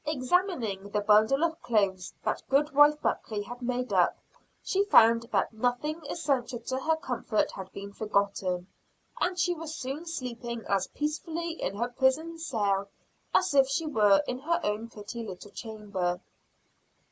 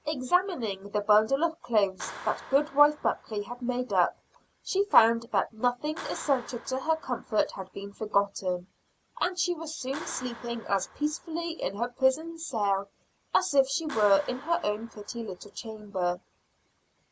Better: first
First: none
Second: background sound (Clapping); 20 dB below the speech

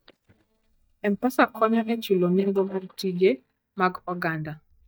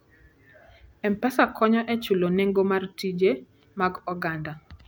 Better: second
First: noise reduction (neural mask model DeepFilterNet 3)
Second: none

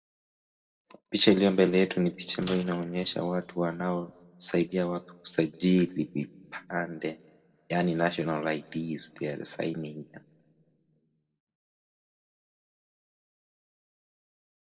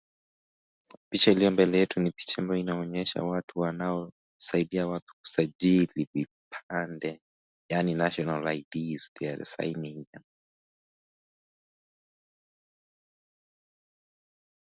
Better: second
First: noise reduction (neural separator model SepFormer DNS4)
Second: none

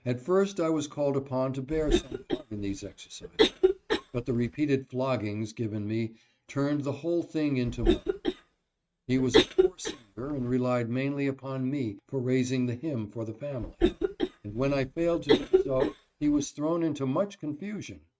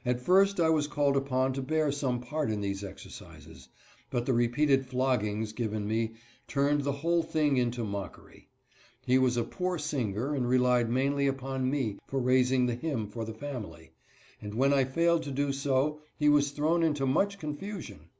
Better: second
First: noise reduction (neural mask model RNNoise)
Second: none

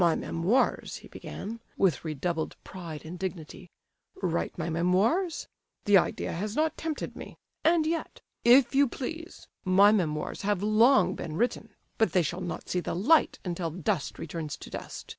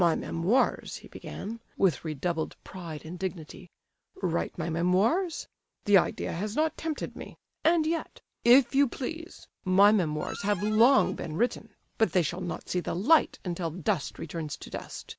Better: first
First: none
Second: background sound (Harmonica); 15 dB below the speech

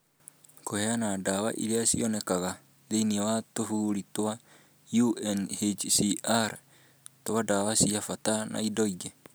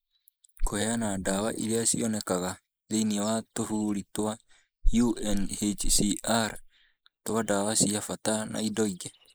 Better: first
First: none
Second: noise reduction (neural mask model Resemble Enhance denoiser)

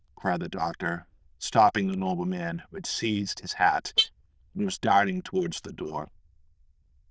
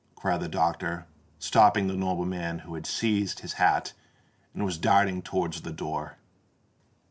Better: second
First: noise reduction (neural diffusion model UNIVERSE++)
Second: none

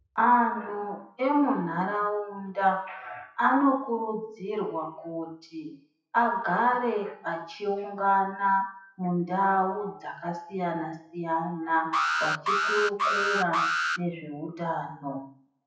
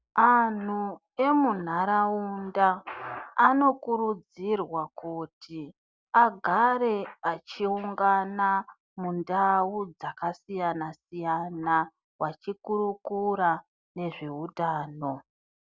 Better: second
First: noise reduction (classical method WPE with log-MMSE)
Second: none

